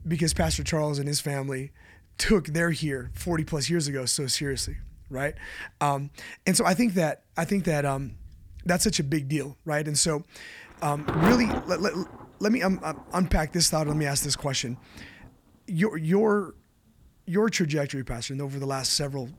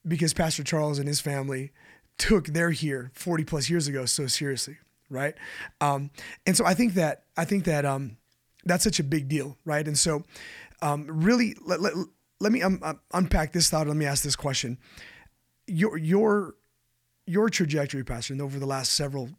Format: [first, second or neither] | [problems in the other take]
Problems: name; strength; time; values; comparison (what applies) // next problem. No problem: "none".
second | rain or running water; noticeable; throughout; 10 dB below the speech